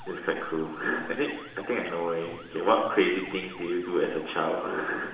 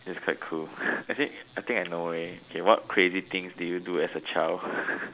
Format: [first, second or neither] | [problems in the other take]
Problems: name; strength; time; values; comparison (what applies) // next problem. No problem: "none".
second | background sound (Motor vehicle (road) / Siren); 20 dB below the speech // room echo; dies away in 0.9 s